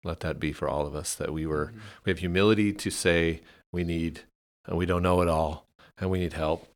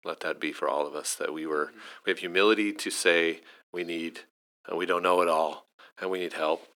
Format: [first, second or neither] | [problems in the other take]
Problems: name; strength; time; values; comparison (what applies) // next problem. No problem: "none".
first | thin; somewhat; fading below 300 Hz